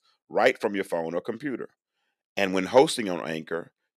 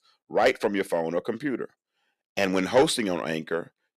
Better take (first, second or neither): first